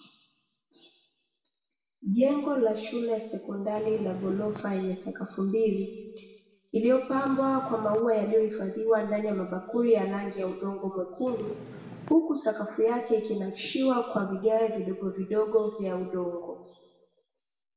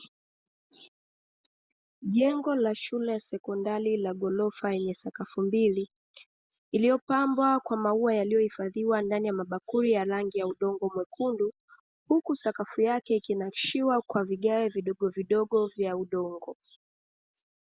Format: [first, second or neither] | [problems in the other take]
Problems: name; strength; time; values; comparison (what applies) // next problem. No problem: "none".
second | background sound (Purr); 14 dB below the speech // room echo; dies away in 1.2 s